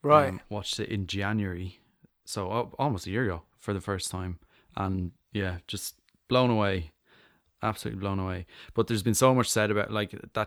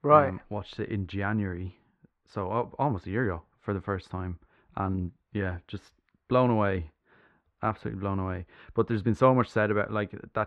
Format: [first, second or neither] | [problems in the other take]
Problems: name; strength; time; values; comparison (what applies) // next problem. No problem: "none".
first | muffled; very; fading above 1.5 kHz